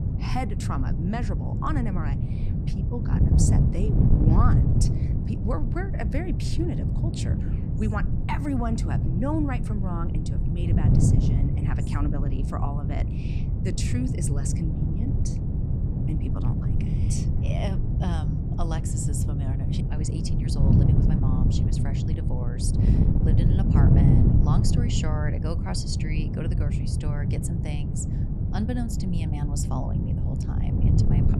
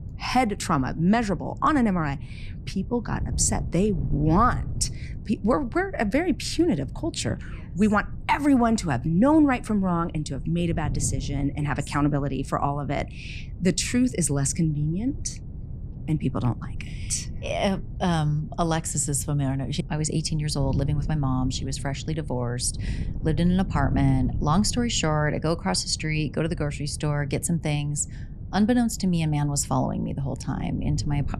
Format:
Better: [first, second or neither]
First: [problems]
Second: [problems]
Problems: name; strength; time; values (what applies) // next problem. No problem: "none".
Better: second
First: wind noise on the microphone; heavy; as loud as the speech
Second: wind noise on the microphone; occasional gusts; 20 dB below the speech